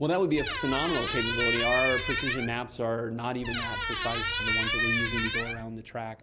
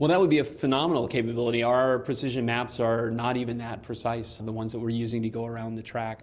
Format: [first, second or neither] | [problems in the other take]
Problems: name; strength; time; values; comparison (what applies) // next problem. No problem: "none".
second | background sound (Squeak); as loud as the speech